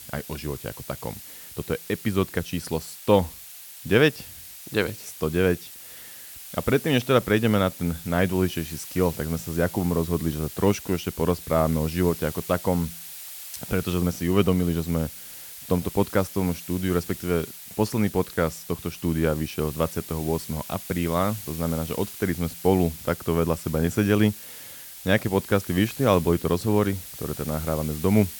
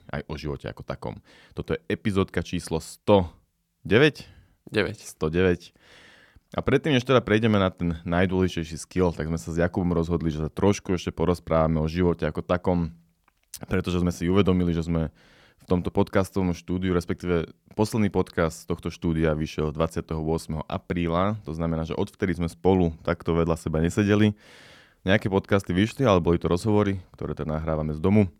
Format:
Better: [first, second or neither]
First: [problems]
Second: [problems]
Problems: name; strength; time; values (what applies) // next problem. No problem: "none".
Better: second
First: hiss; noticeable; throughout; 10 dB below the speech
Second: none